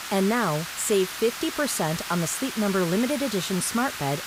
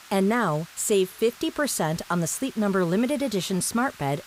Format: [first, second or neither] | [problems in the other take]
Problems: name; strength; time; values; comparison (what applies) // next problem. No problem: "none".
second | hiss; loud; throughout; 7 dB below the speech; faint in the second